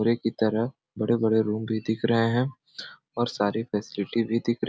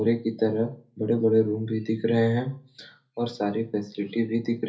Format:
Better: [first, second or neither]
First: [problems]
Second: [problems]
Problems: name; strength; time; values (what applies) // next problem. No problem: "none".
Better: first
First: none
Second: room echo; dies away in 0.3 s